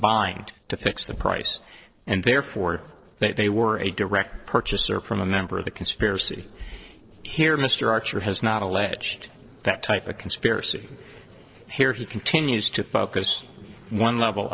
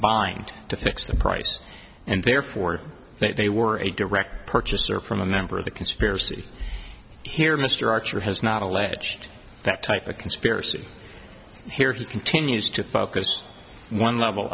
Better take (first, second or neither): second